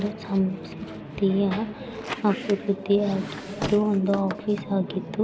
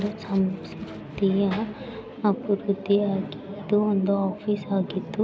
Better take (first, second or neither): second